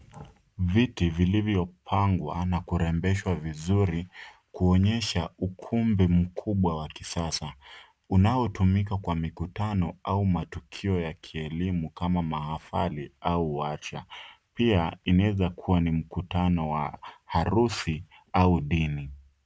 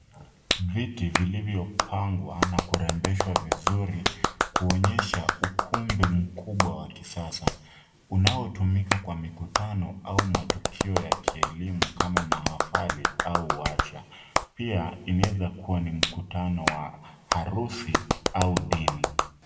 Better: first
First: none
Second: background sound (Clapping); as loud as the speech // room echo; dies away in 0.9 s

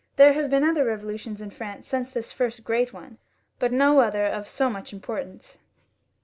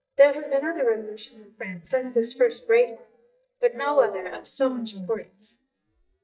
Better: first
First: none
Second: noise reduction (neural mask model DeepFilterNet 3)

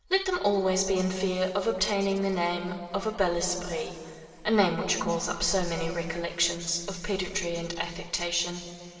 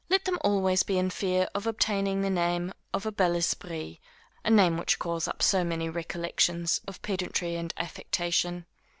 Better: second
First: room echo; dies away in 2.7 s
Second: none

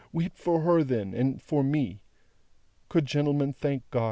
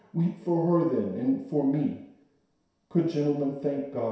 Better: first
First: none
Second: room echo; dies away in 0.7 s

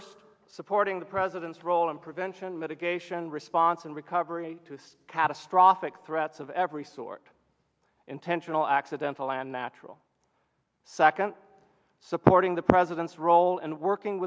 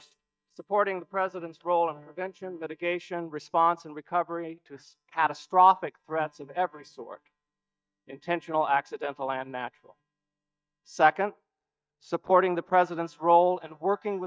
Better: first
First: none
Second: noise reduction (neural mask model DeepFilterNet 3)

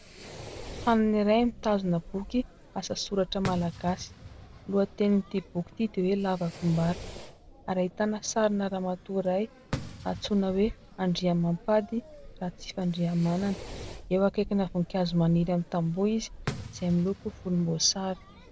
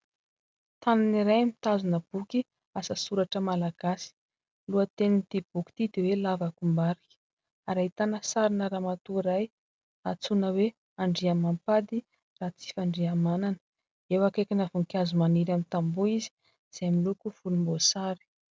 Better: second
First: background sound (Fireworks); 14 dB below the speech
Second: none

